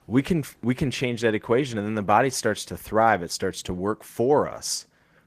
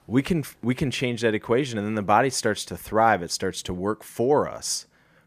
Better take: second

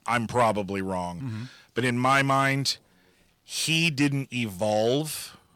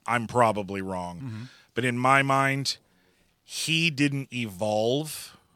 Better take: second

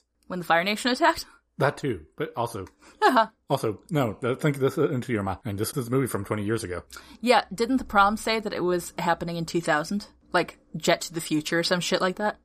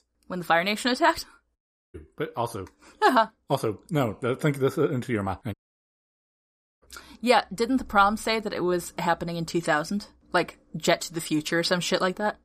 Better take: first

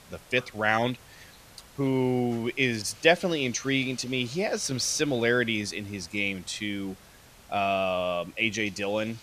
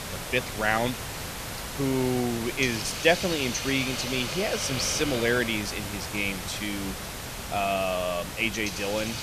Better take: first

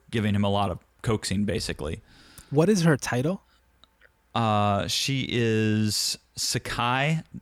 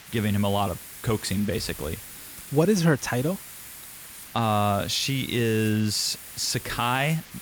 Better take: first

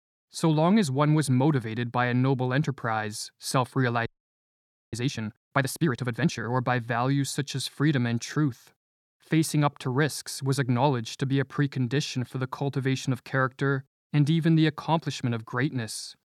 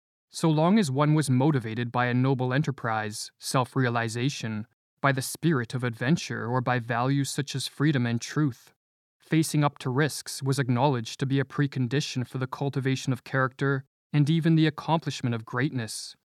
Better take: second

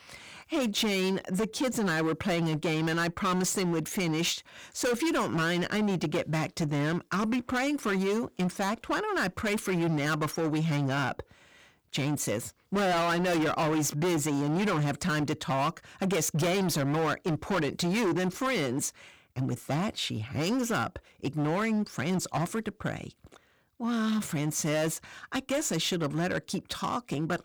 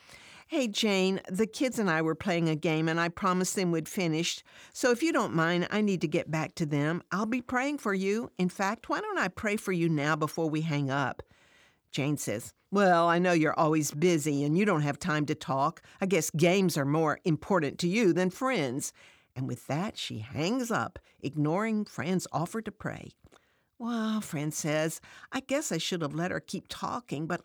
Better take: second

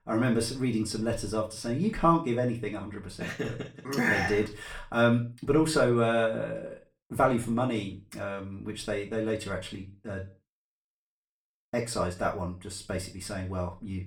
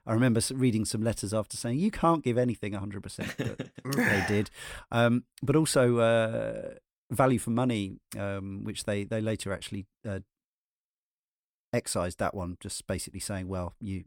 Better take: second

